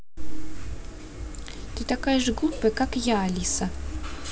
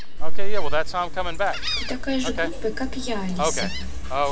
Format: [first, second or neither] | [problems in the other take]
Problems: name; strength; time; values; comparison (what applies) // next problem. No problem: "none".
first | background sound (Gull, seagull); 11 dB below the speech // room echo; dies away in 1.9 s